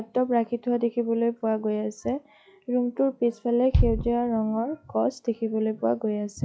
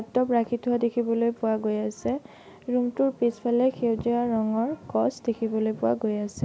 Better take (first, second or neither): second